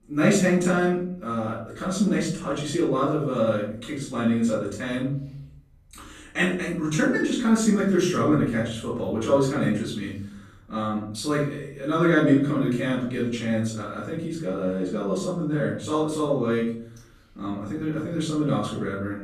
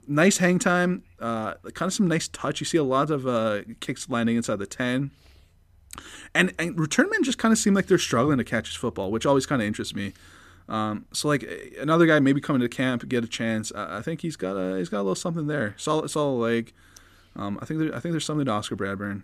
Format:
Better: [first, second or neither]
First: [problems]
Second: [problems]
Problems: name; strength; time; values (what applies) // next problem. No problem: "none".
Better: second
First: off-mic speech; far // room echo; noticeable; dies away in 0.7 s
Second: none